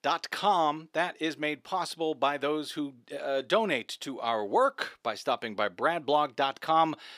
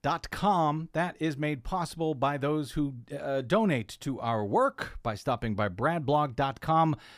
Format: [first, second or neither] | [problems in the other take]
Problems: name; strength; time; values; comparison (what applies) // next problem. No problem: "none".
second | thin; somewhat; fading below 400 Hz